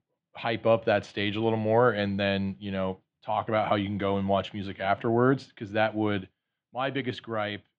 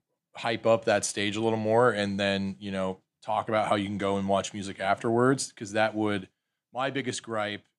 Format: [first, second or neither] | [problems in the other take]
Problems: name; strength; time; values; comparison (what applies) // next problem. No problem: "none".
second | muffled; slightly; fading above 3.5 kHz